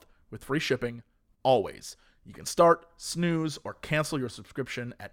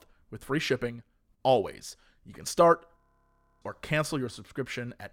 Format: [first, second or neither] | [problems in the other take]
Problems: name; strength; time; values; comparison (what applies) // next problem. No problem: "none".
first | audio freezing; at 3 s for 0.5 s